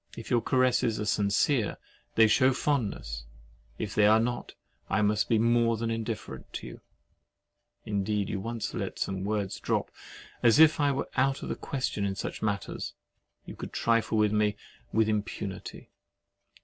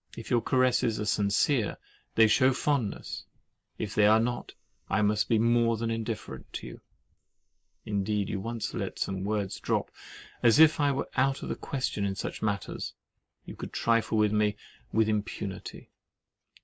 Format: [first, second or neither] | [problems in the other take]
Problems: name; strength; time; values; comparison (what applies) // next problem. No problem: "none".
first | noise reduction (neural mask model Resemble Enhance denoiser)